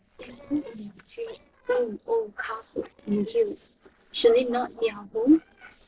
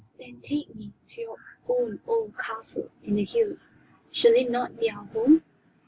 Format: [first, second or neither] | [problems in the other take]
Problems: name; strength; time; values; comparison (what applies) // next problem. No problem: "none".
second | noise reduction (neural separator model SepFormer DNS4)